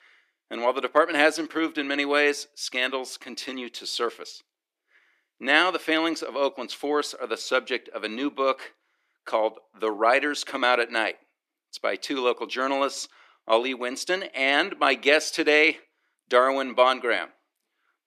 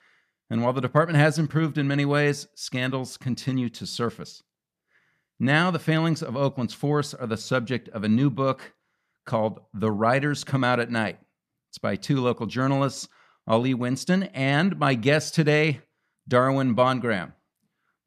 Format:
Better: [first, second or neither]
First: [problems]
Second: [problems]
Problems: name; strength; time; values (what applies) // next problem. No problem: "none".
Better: second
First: thin; somewhat; fading below 300 Hz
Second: none